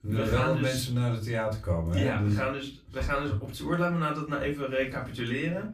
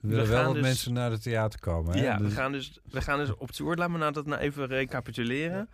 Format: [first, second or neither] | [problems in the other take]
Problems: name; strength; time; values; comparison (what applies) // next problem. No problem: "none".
second | off-mic speech; far // room echo; very slight; dies away in 0.3 s